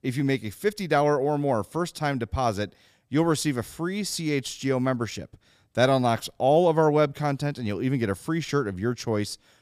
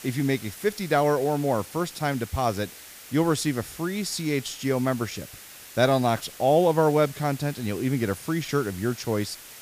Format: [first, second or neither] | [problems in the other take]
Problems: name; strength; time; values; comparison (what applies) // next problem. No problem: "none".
first | hiss; noticeable; throughout; 15 dB below the speech